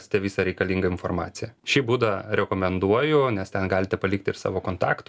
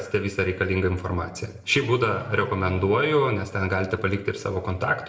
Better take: first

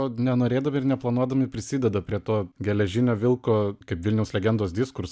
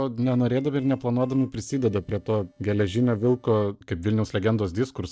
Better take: first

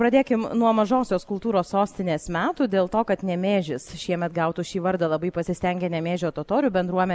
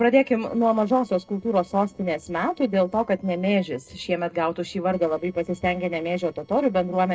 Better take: first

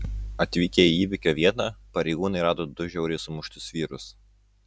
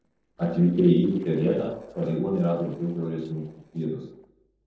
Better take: first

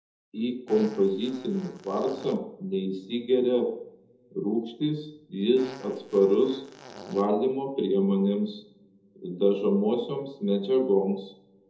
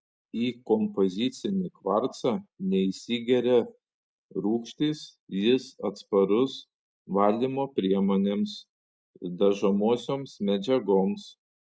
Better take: second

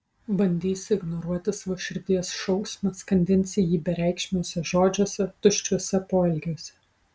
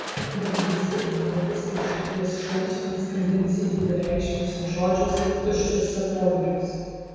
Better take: first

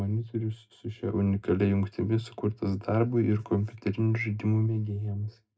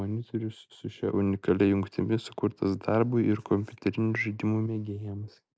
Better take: second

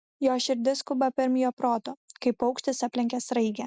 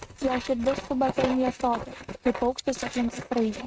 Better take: first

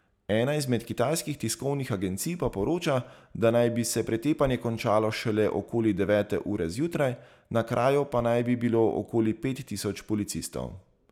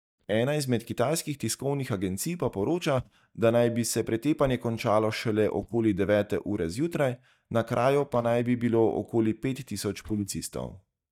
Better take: first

